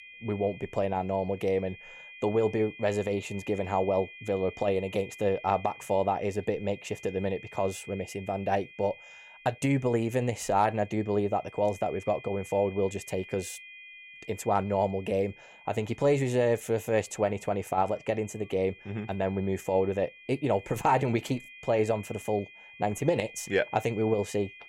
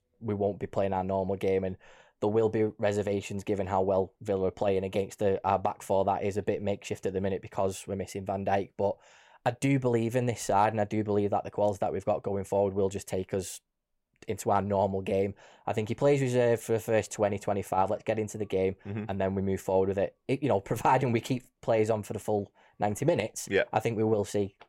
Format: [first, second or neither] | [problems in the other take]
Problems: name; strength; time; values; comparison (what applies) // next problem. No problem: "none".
second | high-pitched whine; noticeable; throughout; 2.5 kHz, 20 dB below the speech